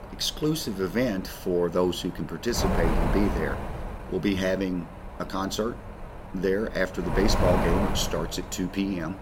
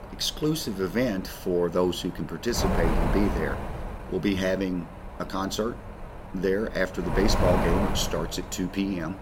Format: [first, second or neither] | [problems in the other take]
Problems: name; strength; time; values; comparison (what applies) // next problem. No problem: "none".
neither | wind noise on the microphone; heavy; 5 dB below the speech; the same in both